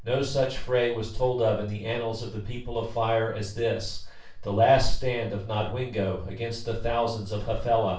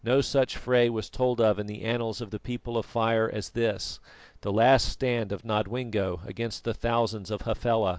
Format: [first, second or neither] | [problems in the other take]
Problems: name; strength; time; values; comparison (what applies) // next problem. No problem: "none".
second | room echo; dies away in 0.3 s